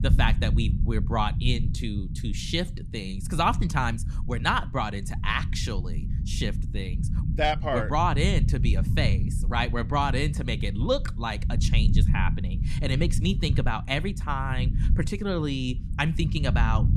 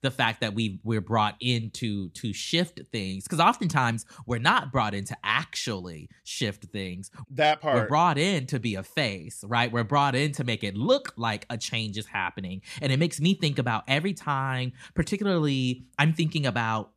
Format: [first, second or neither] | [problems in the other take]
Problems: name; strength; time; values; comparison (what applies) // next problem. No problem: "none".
second | low rumble; noticeable; throughout; 15 dB below the speech